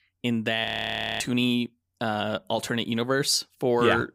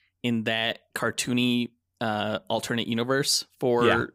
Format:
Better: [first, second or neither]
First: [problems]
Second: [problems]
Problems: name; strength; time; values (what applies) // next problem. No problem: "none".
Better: second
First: audio freezing; at 0.5 s for 0.5 s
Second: none